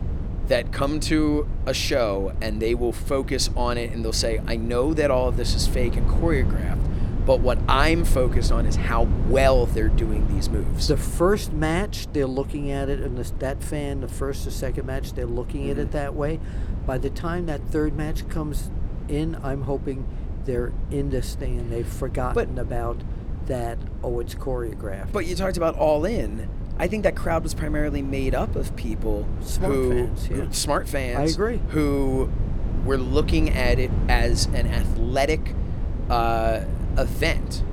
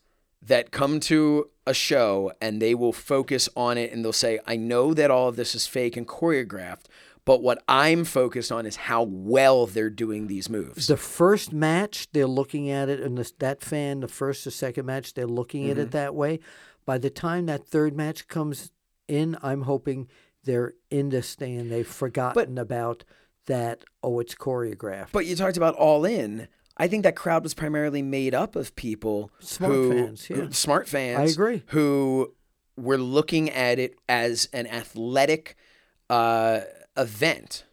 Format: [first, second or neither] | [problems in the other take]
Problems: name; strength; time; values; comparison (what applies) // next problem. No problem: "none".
second | wind noise on the microphone; occasional gusts; 15 dB below the speech